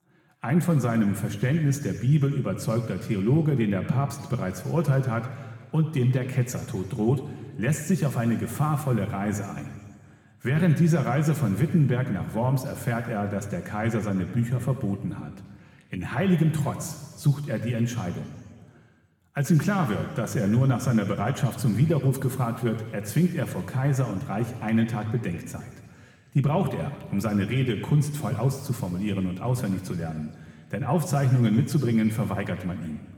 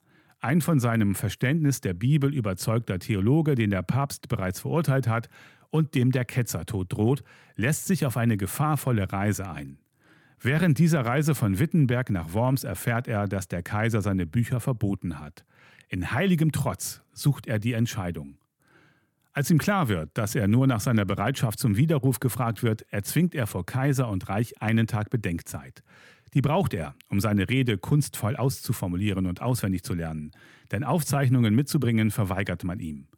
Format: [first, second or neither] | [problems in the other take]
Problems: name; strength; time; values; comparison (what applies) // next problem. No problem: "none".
second | room echo; slight; dies away in 1.7 s